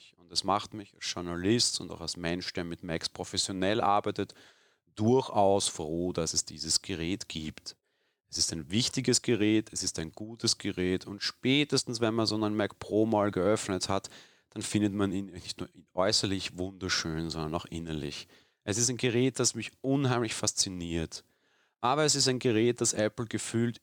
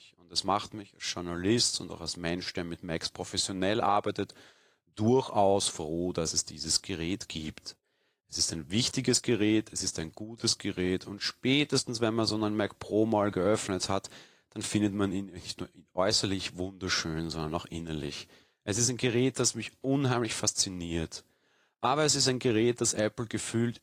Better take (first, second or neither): first